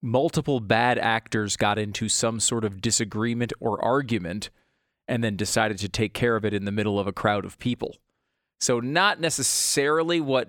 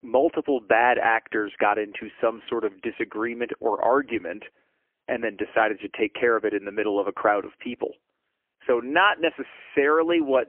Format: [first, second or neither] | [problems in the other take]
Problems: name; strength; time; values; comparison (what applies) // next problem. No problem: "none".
first | phone-call audio; poor line; nothing above 3 kHz